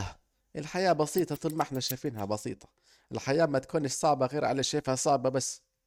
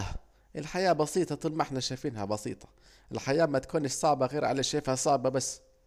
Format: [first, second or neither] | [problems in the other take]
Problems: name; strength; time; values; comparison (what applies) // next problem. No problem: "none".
second | noise reduction (neural mask model RNNoise)